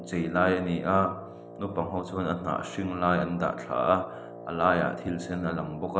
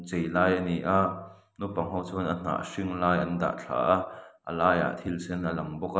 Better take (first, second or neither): second